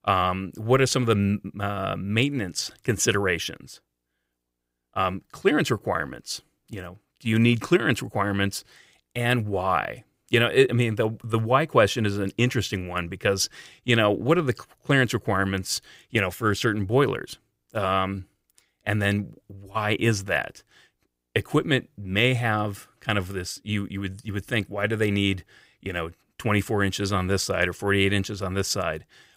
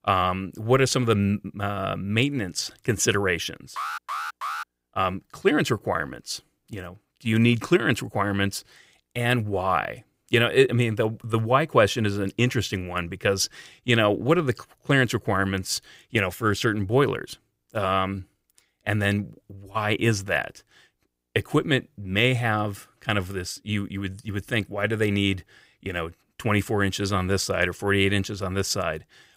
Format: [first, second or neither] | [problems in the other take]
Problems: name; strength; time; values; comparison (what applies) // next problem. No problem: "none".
first | alarm; noticeable; at 4 s; peak 6 dB below the speech